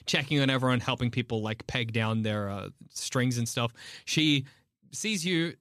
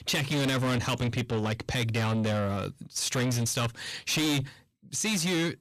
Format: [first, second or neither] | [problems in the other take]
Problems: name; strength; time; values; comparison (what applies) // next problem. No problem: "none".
first | distortion; heavy; 6 dB below the speech